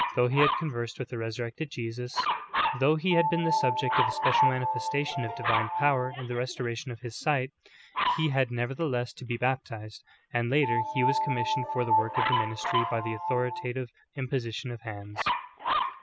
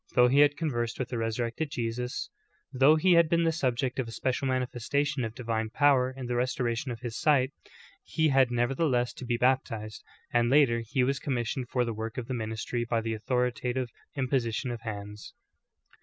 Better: second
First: background sound (Dog + Piano); 1 dB below the speech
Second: none

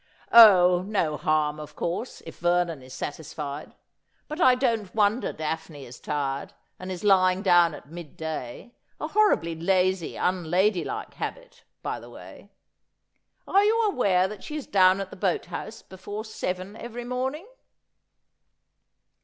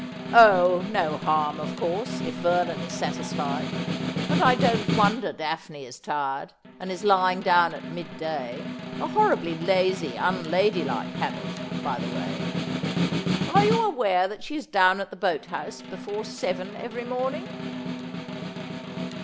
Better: first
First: none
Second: background sound (Snare drum); 5 dB below the speech

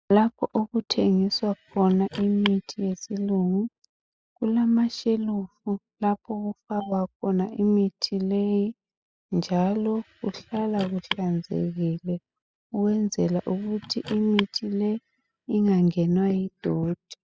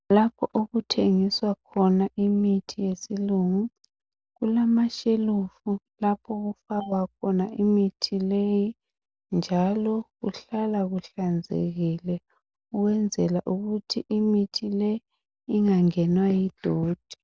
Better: second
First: noise reduction (classical method spectral subtraction)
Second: none

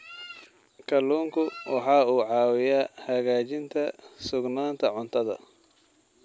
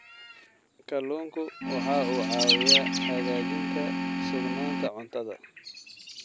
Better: first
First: none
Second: background sound (Organ + Bird); 4 dB above the speech

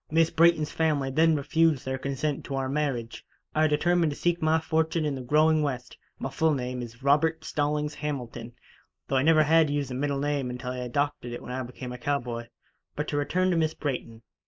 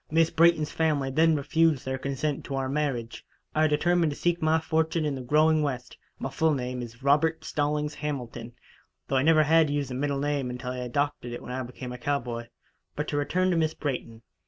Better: second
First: noise reduction (neural mask model Resemble Enhance denoiser)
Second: none

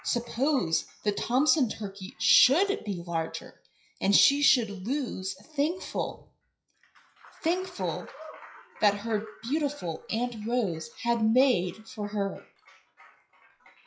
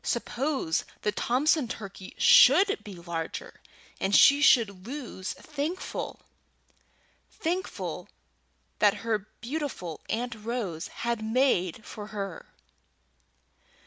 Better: second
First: noise reduction (classical method WPE with log-MMSE)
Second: none

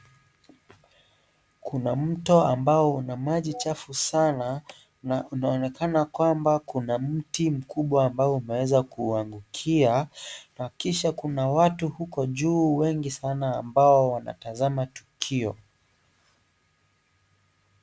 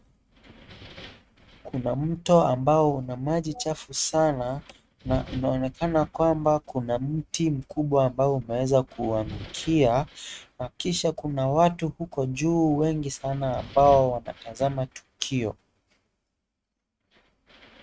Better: first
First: none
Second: noise reduction (neural mask model RNNoise)

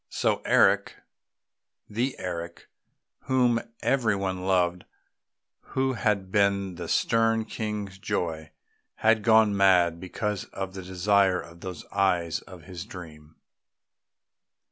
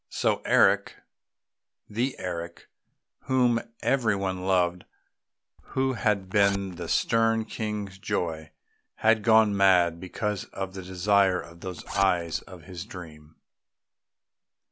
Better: first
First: none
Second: background sound (Zipper (clothing)); 14 dB below the speech

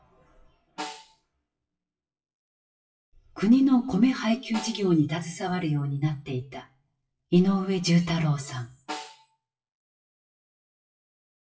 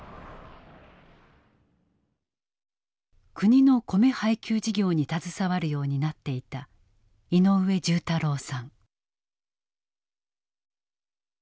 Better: second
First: noise reduction (classical method WPE with log-MMSE)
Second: none

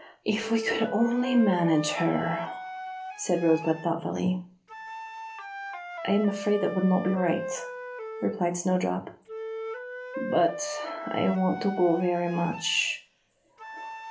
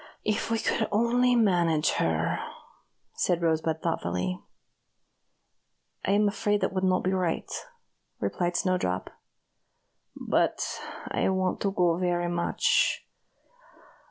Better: second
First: background sound (Wind instrument, woodwind instrument); 10 dB below the speech // room echo; dies away in 0.3 s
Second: none

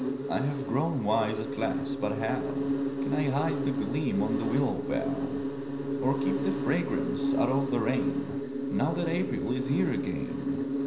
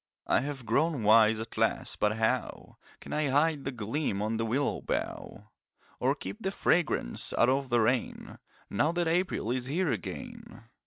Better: second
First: background sound (Insect); as loud as the speech // room echo; dies away in 0.5 s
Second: none

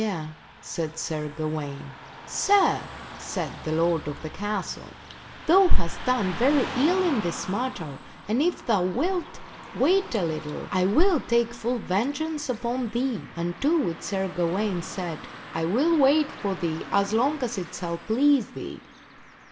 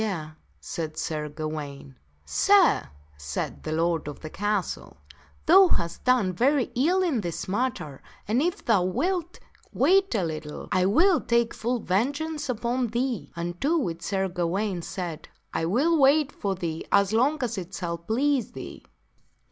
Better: second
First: background sound (Car passing by / Traffic noise, roadway noise); 17 dB below the speech // room echo; dies away in 1.1 s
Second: none

